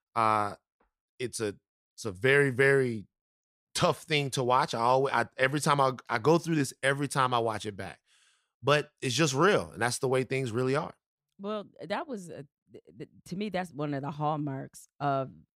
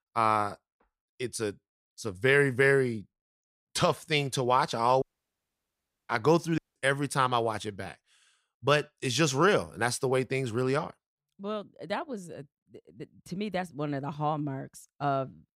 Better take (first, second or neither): first